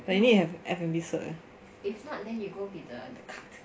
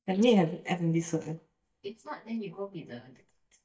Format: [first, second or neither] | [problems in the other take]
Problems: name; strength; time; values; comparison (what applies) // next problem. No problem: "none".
first | noise reduction (neural mask model DeepFilterNet 3)